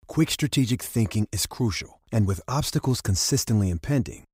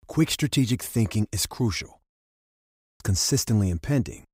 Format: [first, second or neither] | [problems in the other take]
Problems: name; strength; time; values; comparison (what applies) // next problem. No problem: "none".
first | audio cutting out; at 2 s for 1 s